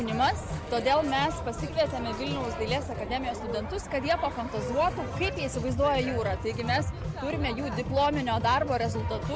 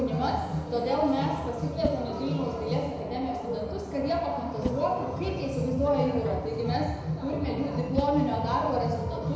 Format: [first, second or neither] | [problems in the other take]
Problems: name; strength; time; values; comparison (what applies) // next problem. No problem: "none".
first | background sound (Whoosh, swoosh, swish); 14 dB below the speech // room echo; dies away in 1 s